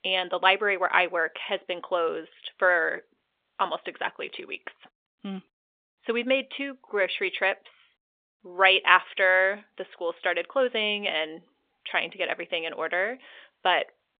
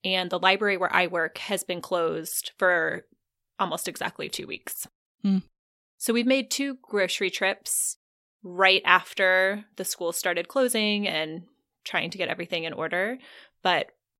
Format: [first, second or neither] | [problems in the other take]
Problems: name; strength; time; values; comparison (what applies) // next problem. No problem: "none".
second | phone-call audio; nothing above 3 kHz